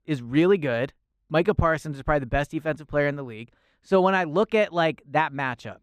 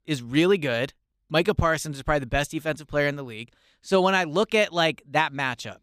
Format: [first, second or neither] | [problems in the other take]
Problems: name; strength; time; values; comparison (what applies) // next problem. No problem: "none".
second | muffled; slightly; fading above 2.5 kHz